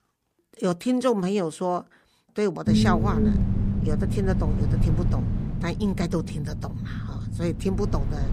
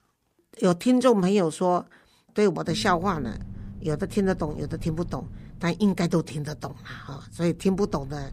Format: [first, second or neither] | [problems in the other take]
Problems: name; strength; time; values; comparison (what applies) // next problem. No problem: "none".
second | low rumble; loud; from 2.5 s on; 5 dB below the speech; faint in the second